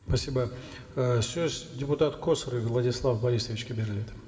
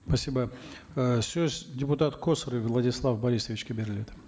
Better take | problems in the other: second | room echo; dies away in 2.2 s

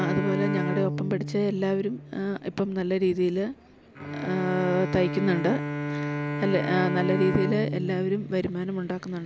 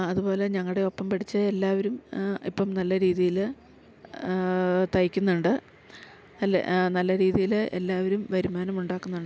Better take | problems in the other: second | background sound (Bowed string instrument); 5 dB below the speech

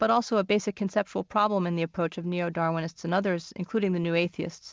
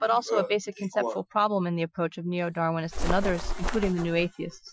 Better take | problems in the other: first | noise reduction (classical method Wiener filter)

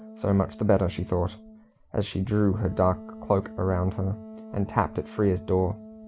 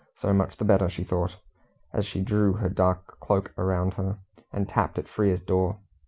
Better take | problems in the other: second | background sound (Wind instrument, woodwind instrument); 17 dB below the speech

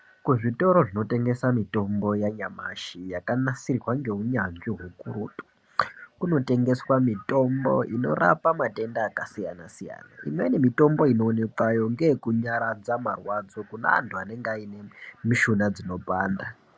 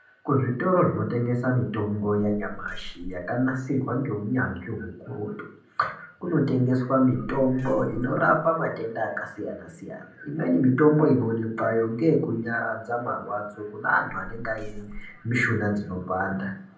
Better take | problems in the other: first | background sound (Meow); 14 dB below the speech // room echo; dies away in 0.6 s

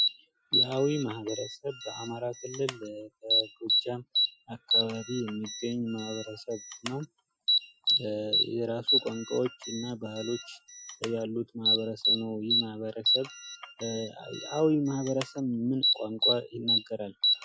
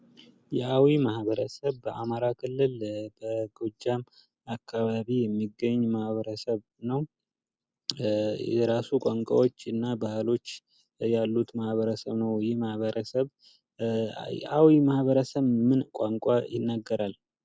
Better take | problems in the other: second | noise reduction (classical method Wiener filter)

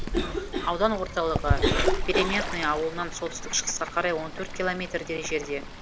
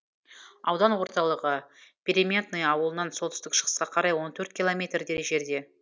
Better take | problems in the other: second | background sound (Cough + Bird / Fowl); as loud as the speech

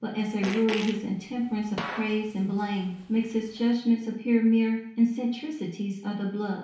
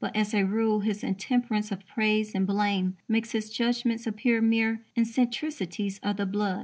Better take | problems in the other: second | background sound (Fart); 13 dB below the speech // room echo; dies away in 0.6 s

